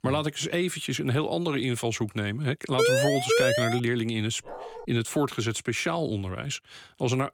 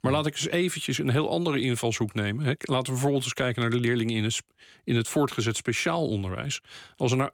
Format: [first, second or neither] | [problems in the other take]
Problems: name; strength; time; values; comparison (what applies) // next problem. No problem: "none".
second | siren; loud; from 3 to 4 s; peak 5 dB above the speech // dog barking; faint; at 4.5 s; peak 10 dB below the speech